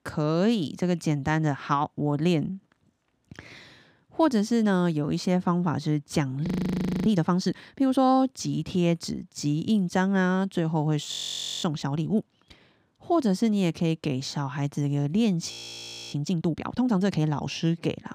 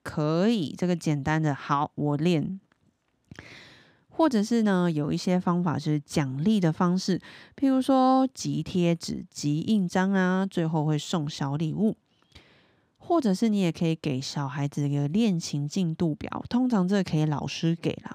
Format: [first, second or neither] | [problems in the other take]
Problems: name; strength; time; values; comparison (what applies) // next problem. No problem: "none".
second | audio freezing; at 6.5 s for 0.5 s, at 11 s for 0.5 s and at 16 s for 0.5 s